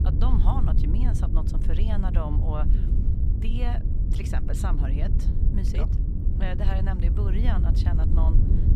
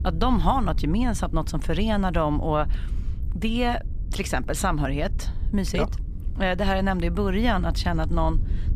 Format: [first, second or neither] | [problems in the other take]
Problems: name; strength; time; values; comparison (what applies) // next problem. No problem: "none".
second | wind noise on the microphone; heavy; 3 dB below the speech; occasional gusts in the second